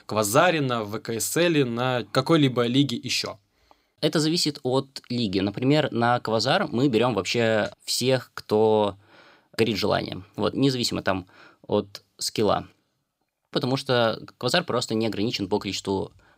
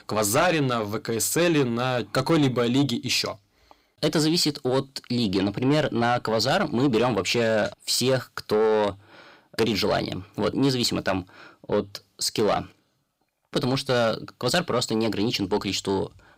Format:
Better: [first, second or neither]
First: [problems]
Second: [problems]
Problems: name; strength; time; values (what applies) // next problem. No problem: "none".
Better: first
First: none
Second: distortion; slight; 10 dB below the speech